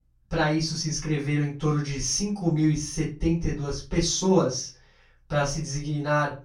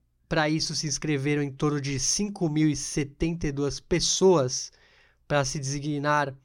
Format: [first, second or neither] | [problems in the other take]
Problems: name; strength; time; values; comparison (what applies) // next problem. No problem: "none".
second | off-mic speech; far // room echo; slight; dies away in 0.3 s